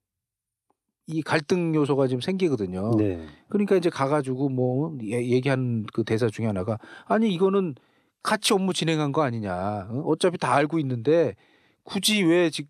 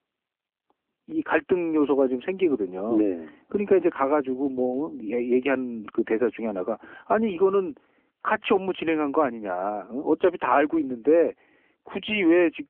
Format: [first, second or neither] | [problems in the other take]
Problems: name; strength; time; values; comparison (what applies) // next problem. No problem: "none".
first | phone-call audio; nothing above 3 kHz